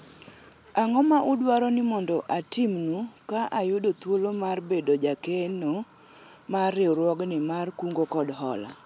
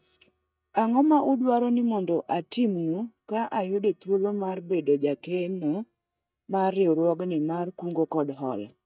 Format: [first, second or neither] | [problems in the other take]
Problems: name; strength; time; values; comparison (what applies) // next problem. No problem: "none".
first | noise reduction (neural mask model DeepFilterNet 3)